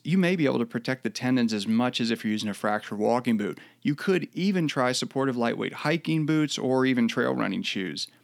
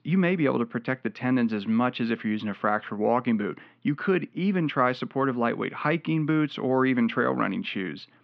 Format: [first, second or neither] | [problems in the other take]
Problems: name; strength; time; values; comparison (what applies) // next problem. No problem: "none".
first | muffled; very; fading above 3 kHz